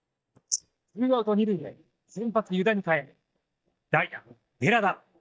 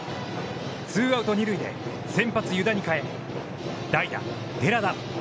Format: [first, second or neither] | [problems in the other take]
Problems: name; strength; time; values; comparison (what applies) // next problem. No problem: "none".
second | noise reduction (neural mask model DeepFilterNet 3)